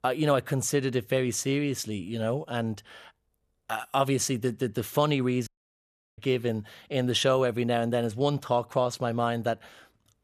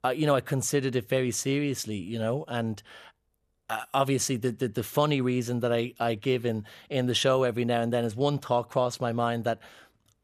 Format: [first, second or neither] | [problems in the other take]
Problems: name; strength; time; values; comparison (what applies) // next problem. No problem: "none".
second | audio cutting out; at 5.5 s for 0.5 s